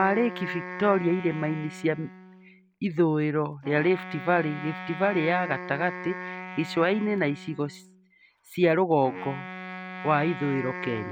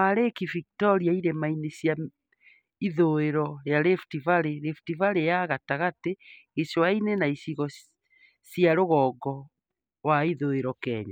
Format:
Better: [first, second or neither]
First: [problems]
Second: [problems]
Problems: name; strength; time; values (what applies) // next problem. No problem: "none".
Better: second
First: background sound (Wind instrument, woodwind instrument); 12 dB below the speech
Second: none